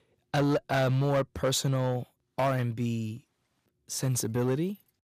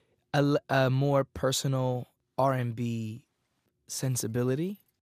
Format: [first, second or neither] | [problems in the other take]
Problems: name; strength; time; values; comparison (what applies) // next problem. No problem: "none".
second | distortion; slight; 6% of the sound clipped